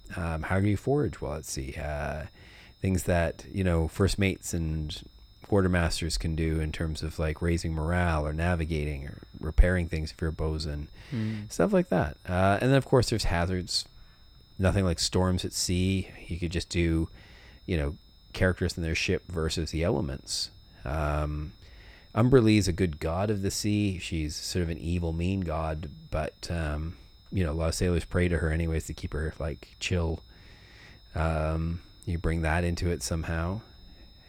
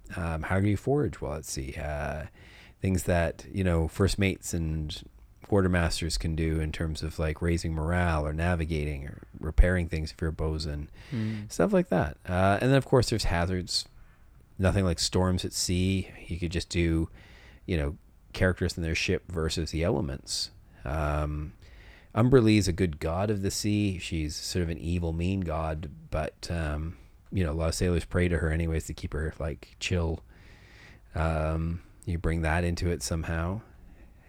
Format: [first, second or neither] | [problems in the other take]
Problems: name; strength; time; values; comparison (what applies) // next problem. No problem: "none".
second | high-pitched whine; faint; throughout; 5 kHz, 30 dB below the speech